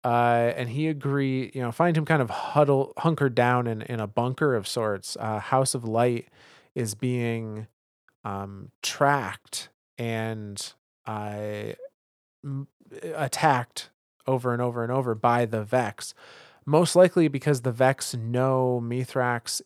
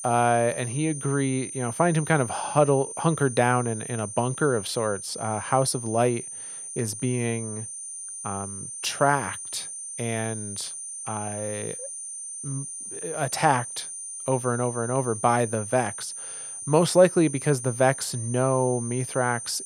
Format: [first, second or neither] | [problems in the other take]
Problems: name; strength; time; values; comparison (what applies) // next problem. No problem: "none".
first | high-pitched whine; loud; throughout; 9 kHz, 8 dB below the speech